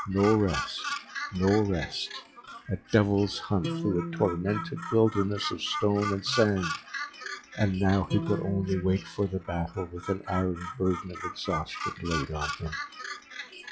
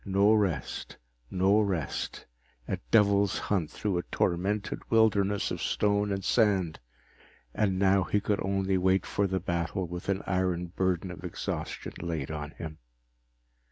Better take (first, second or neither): second